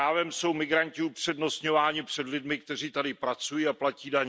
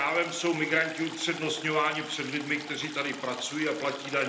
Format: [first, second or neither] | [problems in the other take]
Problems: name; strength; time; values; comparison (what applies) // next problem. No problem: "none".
first | background sound (Stream); 13 dB below the speech // room echo; dies away in 1 s